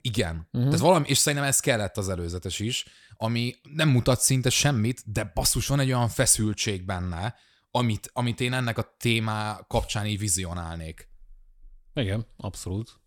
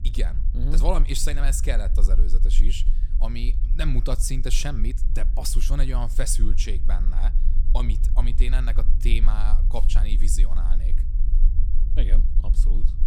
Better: first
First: none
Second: low rumble; noticeable; throughout; 15 dB below the speech

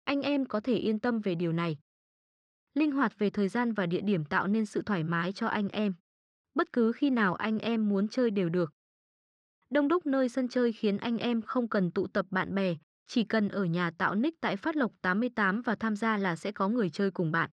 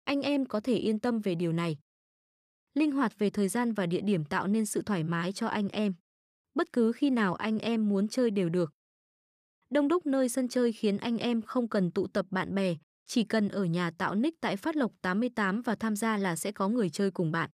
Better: second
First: muffled; very slightly; fading above 5 kHz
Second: none

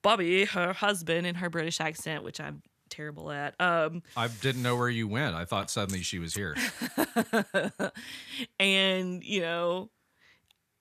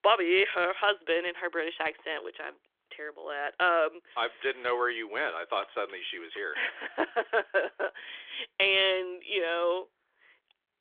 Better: first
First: none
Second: phone-call audio; nothing above 3.5 kHz

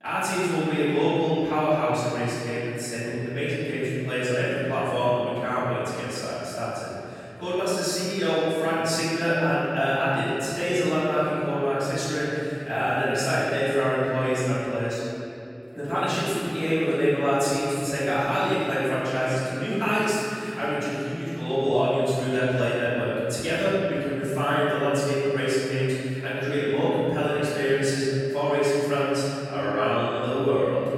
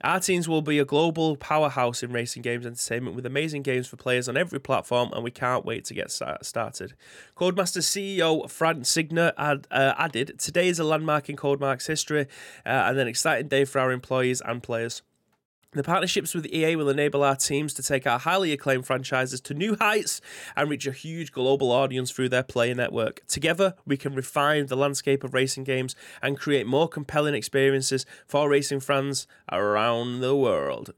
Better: second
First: room echo; strong; dies away in 2.9 s // off-mic speech; far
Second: none

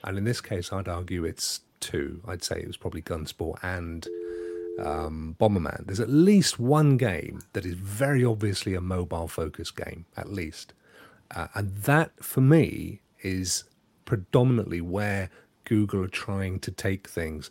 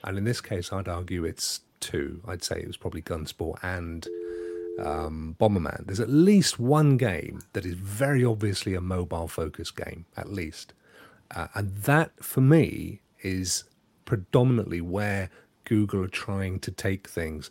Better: neither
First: phone ringing; noticeable; from 4 to 5 s; peak 8 dB below the speech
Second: phone ringing; noticeable; from 4 to 5 s; peak 8 dB below the speech

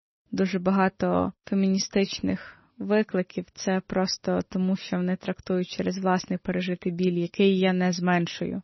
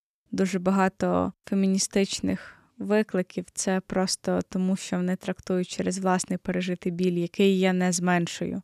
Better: second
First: garbled, watery; slightly; nothing above 6 kHz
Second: none

